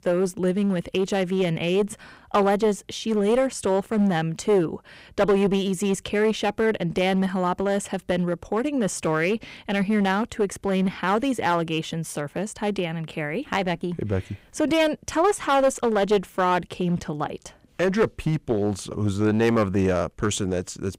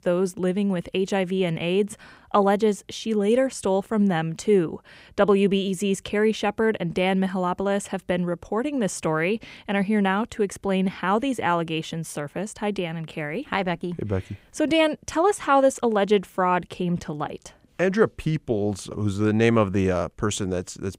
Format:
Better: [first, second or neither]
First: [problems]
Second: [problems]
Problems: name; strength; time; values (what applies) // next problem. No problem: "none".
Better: second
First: distortion; slight; 6% of the sound clipped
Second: none